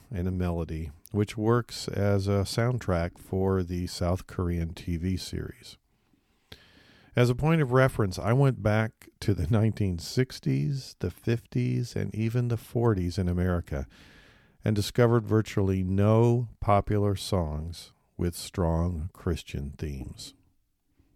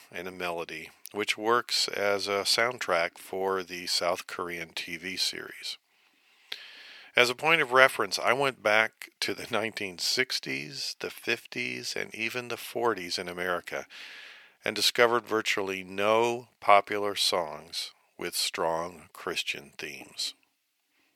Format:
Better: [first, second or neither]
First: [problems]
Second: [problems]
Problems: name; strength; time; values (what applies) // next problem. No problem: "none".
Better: first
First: none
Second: thin; very; fading below 650 Hz